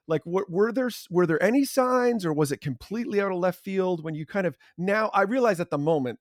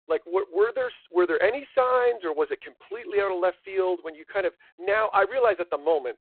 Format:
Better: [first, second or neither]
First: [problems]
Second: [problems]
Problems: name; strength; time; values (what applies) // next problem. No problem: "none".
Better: first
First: none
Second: phone-call audio; poor line; nothing above 4 kHz